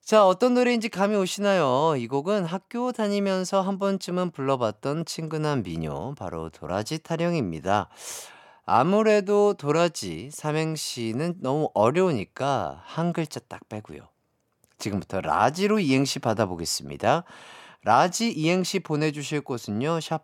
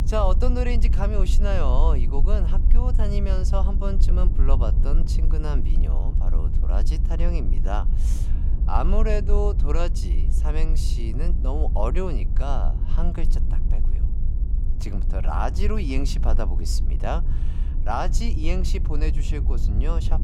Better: first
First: none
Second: low rumble; noticeable; throughout; 10 dB below the speech

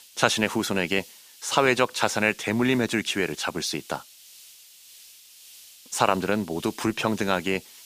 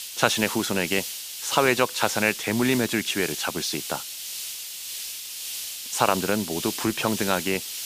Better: first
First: hiss; faint; throughout; 20 dB below the speech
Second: hiss; loud; throughout; 7 dB below the speech

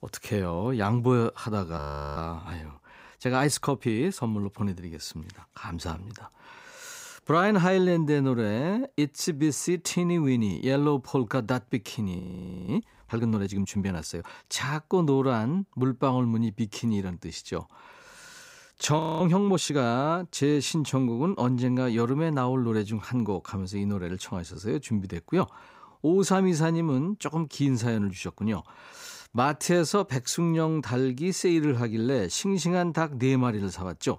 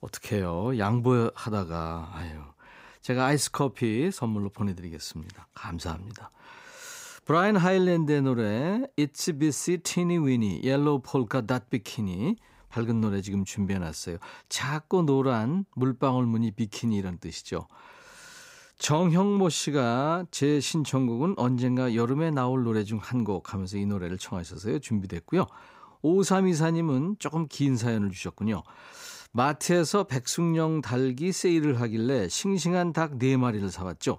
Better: second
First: audio freezing; at 2 s, at 12 s and at 19 s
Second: none

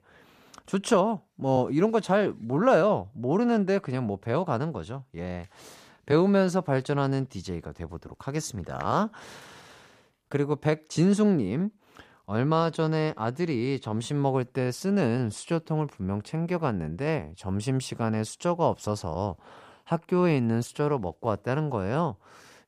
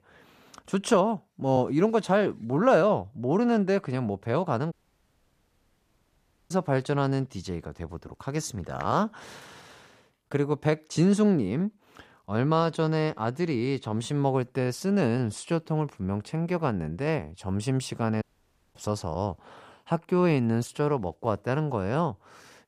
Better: first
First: none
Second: audio cutting out; at 4.5 s for 2 s and at 18 s for 0.5 s

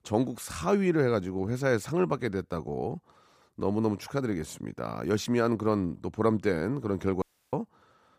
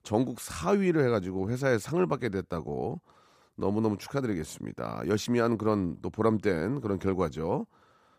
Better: second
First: audio cutting out; at 7 s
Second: none

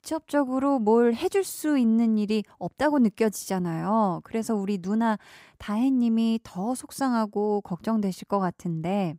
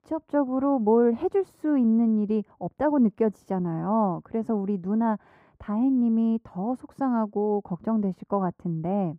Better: first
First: none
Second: muffled; very; fading above 2.5 kHz

